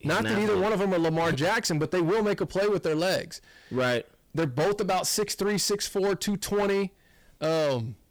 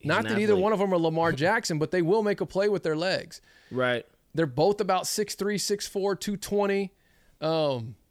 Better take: second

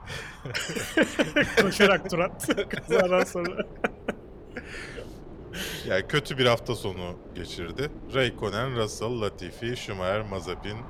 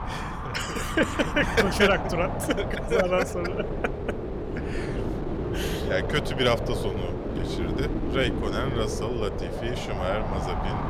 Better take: first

